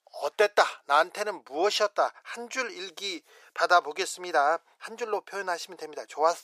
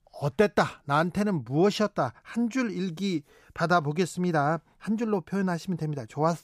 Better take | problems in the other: second | thin; very; fading below 450 Hz

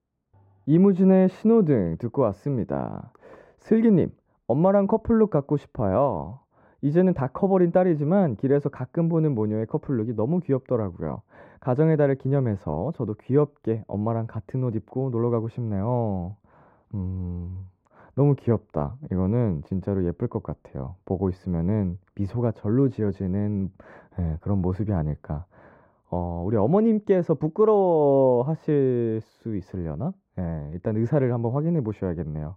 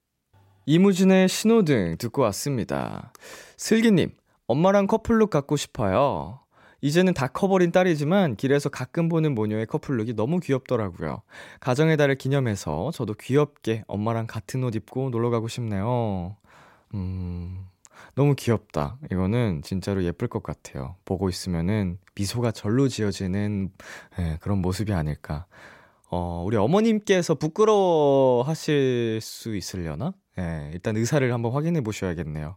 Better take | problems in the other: second | muffled; very; fading above 2.5 kHz

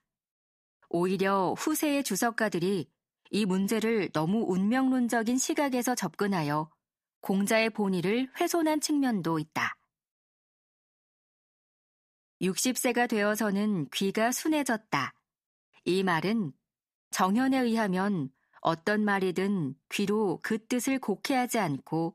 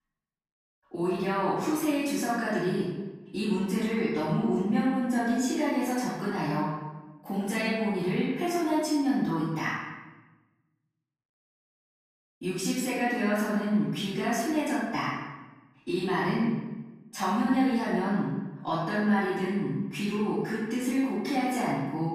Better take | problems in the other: first | room echo; strong; dies away in 1.1 s // off-mic speech; far

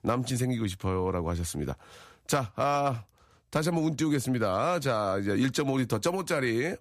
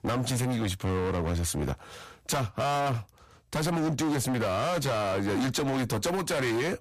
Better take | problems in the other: first | distortion; heavy; 32% of the sound clipped

